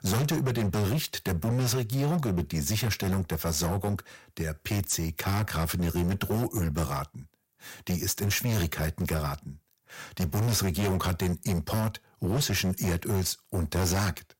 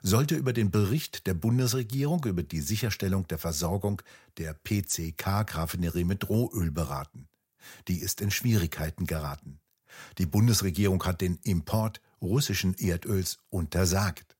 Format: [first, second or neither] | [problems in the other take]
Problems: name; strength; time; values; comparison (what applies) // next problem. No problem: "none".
second | distortion; heavy; 19% of the sound clipped